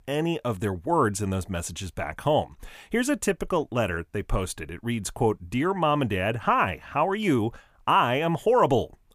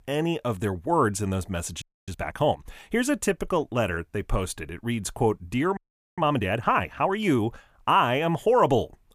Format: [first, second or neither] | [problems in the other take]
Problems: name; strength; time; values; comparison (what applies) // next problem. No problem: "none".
first | audio freezing; at 2 s and at 6 s